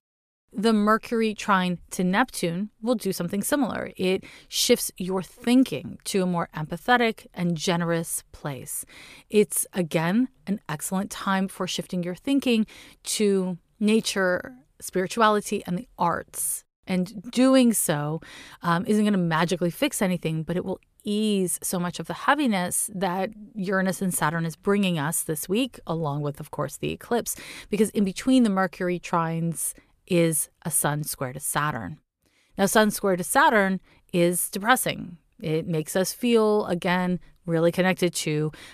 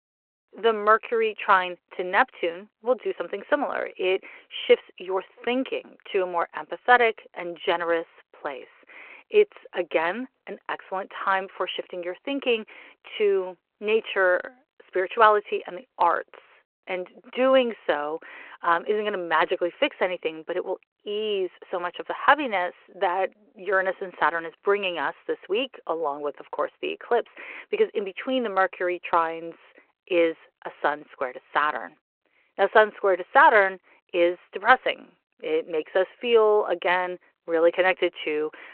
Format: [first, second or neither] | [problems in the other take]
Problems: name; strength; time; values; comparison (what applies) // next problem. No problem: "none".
first | phone-call audio